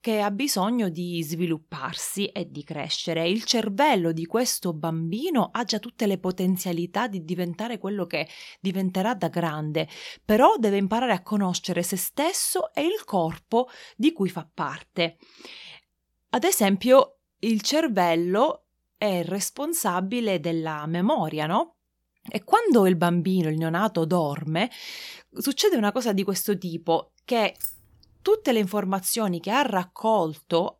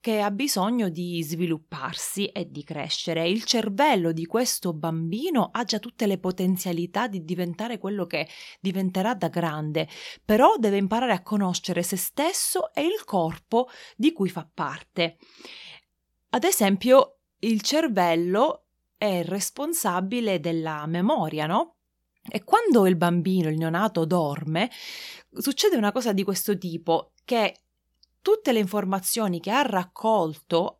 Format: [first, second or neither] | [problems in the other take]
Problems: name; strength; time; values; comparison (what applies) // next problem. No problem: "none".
second | jangling keys; noticeable; at 28 s; peak 7 dB below the speech